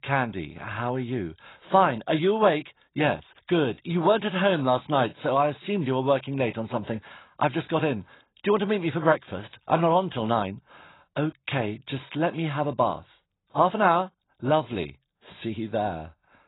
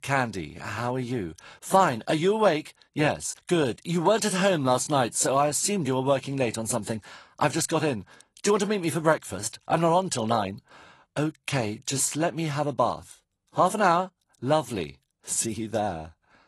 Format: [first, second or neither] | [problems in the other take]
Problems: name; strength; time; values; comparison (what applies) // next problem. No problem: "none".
second | garbled, watery; badly; nothing above 4 kHz; slightly in the second